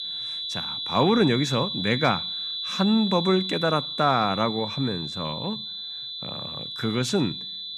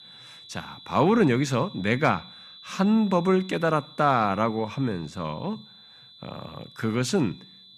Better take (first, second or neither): second